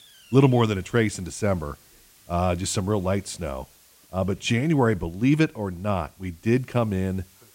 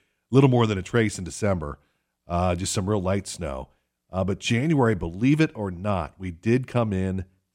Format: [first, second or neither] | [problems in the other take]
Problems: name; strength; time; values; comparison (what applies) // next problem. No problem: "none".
second | hiss; faint; throughout; 30 dB below the speech